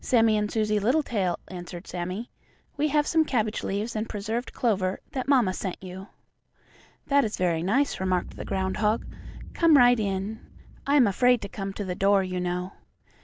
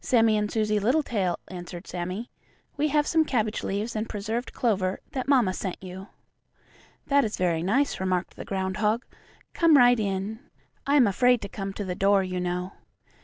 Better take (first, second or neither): second